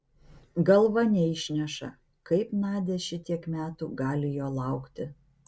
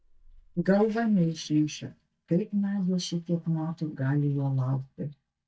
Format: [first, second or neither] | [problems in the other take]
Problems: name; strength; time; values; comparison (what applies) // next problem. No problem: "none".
first | noise reduction (neural mask model DeepFilterNet 3)